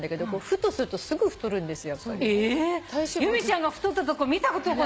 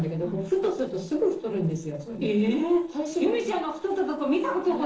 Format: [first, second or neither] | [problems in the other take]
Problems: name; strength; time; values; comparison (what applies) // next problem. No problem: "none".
first | noise reduction (neural separator model SepFormer DNS4)